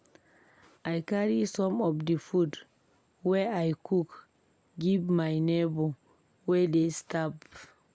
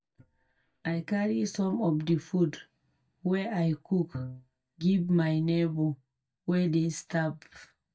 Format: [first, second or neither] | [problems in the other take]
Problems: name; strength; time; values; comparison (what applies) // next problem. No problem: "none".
first | noise reduction (neural mask model DeepFilterNet 3)